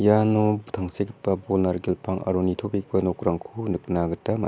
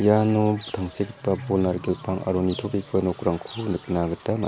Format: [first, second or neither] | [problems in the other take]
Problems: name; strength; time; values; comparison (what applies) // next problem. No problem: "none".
first | background sound (Bird / Fowl); 17 dB below the speech